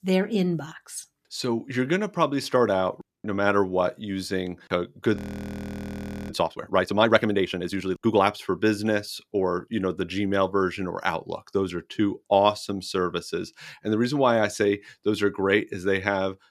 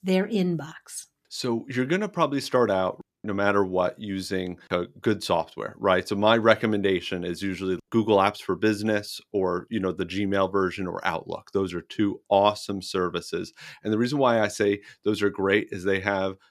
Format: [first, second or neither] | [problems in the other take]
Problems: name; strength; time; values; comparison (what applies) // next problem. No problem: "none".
second | audio freezing; at 5 s for 1 s